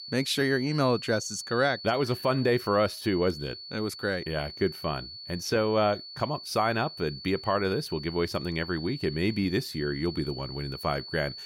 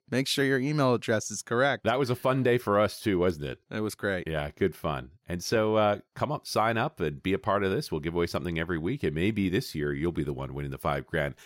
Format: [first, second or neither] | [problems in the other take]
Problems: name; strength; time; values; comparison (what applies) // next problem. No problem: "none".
second | high-pitched whine; noticeable; throughout; 4.5 kHz, 10 dB below the speech